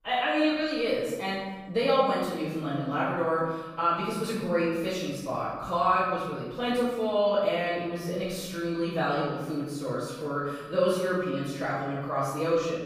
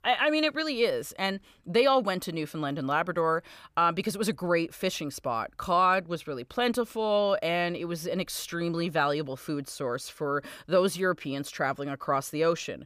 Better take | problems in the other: second | off-mic speech; far // room echo; strong; dies away in 1.2 s

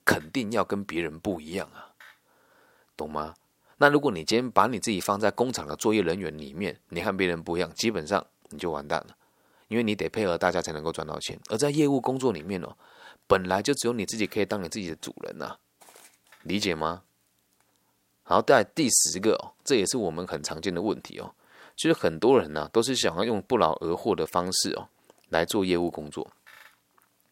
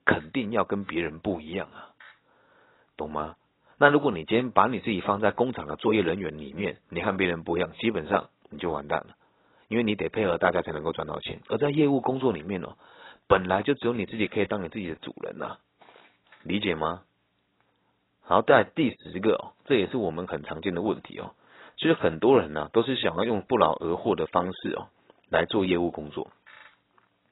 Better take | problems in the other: first | garbled, watery; badly; nothing above 4 kHz

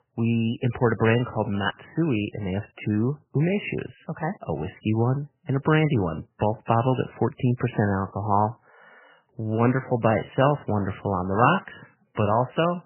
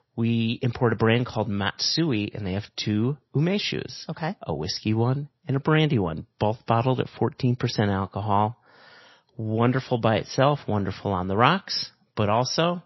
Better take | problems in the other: second | garbled, watery; badly; nothing above 3 kHz; slightly in the second

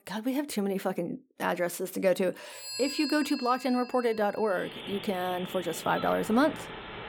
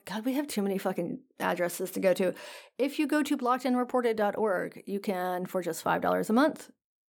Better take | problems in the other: second | alarms or sirens; noticeable; from 2.5 s on; 10 dB below the speech

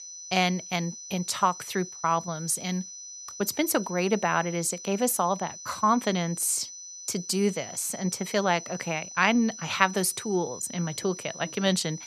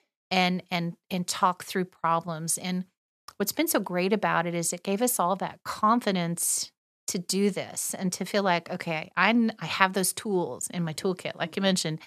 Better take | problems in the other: second | high-pitched whine; noticeable; throughout; 6 kHz, 10 dB below the speech

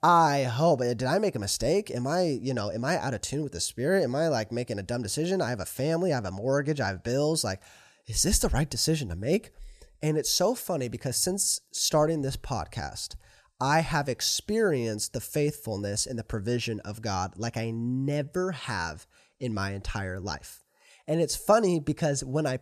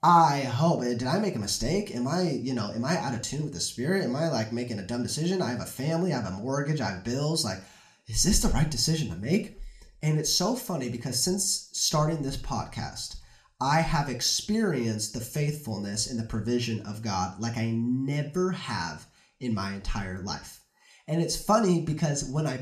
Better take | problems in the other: first | room echo; very slight; dies away in 0.4 s

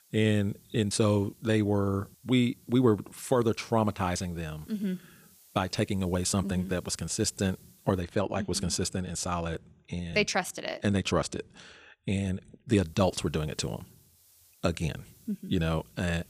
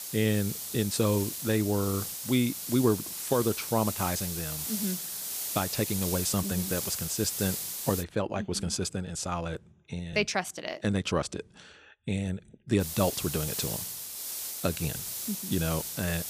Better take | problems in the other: first | hiss; loud; until 8 s and from 13 s on; 3 dB below the speech; faint in the first

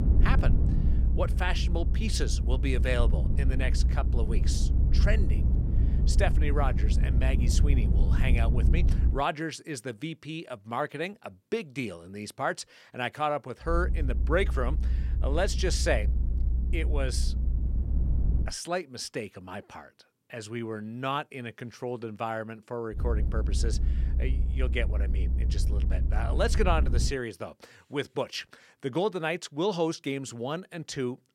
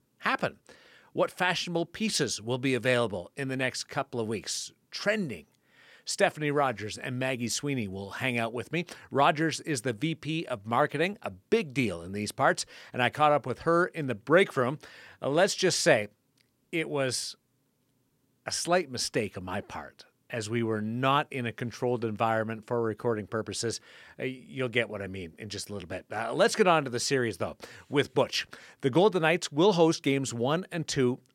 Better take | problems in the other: second | low rumble; noticeable; until 9 s, from 14 to 18 s and from 23 to 27 s; 10 dB below the speech

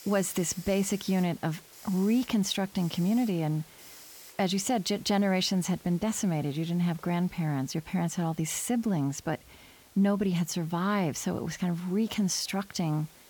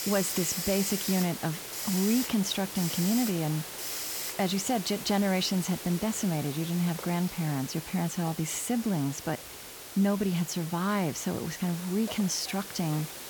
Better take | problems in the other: first | hiss; loud; throughout; 6 dB below the speech; faint in the first

